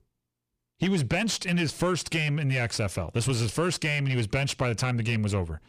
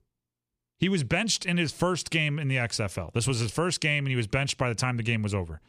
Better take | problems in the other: second | distortion; slight; 10 dB below the speech

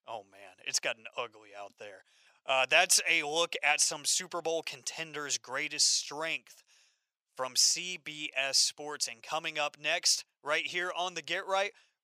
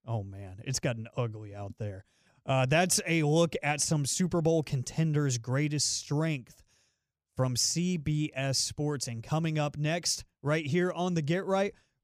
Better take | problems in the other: second | thin; very; fading below 850 Hz

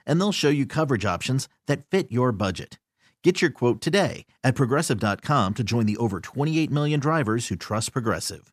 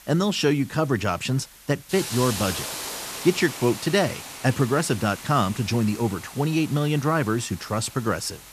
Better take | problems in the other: first | hiss; noticeable; throughout; 10 dB below the speech

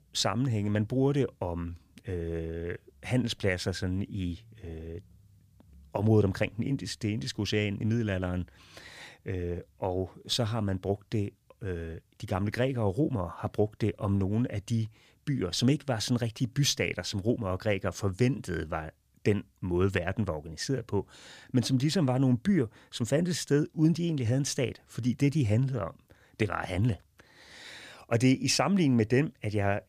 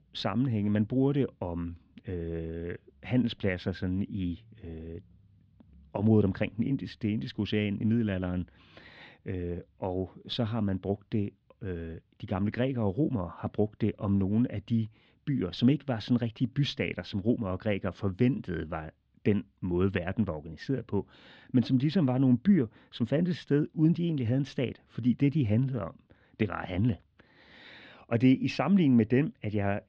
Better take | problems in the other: first | muffled; slightly; fading above 3.5 kHz

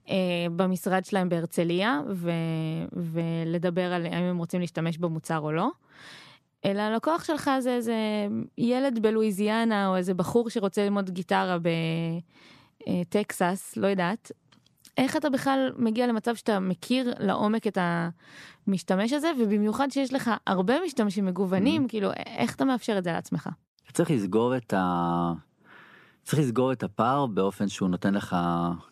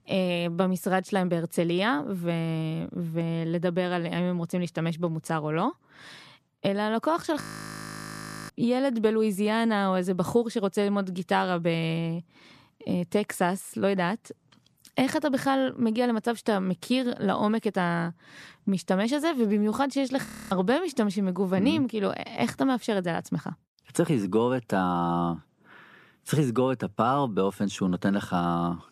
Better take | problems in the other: first | audio freezing; at 7.5 s for 1 s and at 20 s

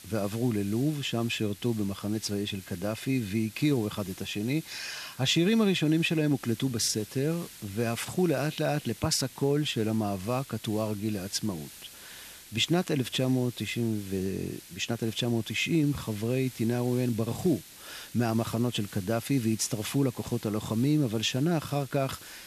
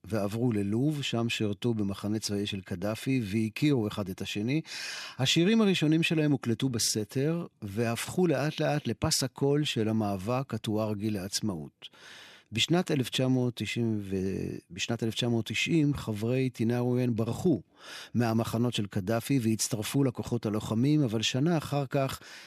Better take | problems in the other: second | hiss; noticeable; throughout; 15 dB below the speech

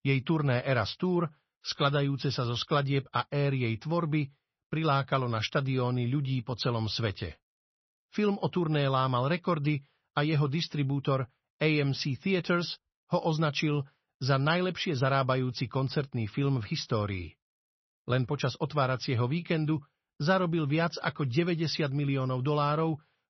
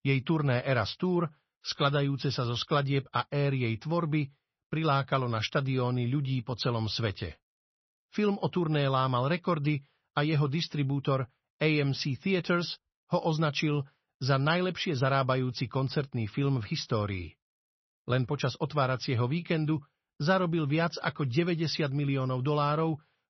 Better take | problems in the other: neither | garbled, watery; slightly; nothing above 6 kHz; the same in both

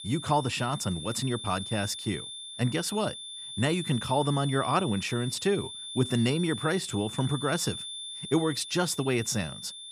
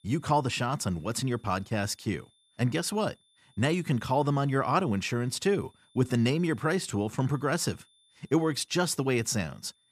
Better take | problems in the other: second | high-pitched whine; loud; throughout; 3.5 kHz, 8 dB below the speech; faint in the second

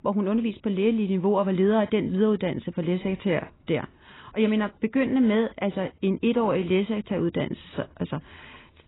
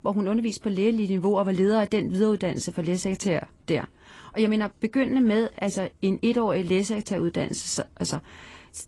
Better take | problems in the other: second | garbled, watery; badly; nothing above 3.5 kHz; slightly in the second

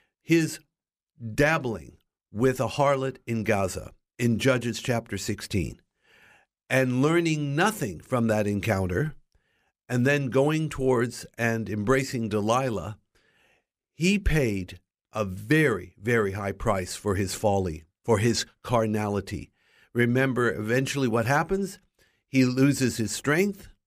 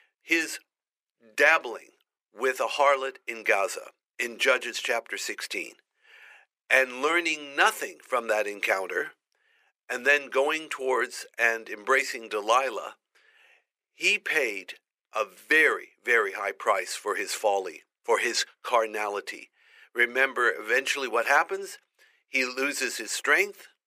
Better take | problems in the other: first | thin; very; fading below 400 Hz

